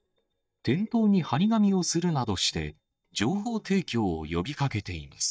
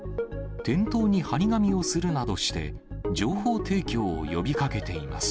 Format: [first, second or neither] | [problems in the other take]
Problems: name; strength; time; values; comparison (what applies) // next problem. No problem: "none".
second | noise reduction (neural mask model DeepFilterNet 3)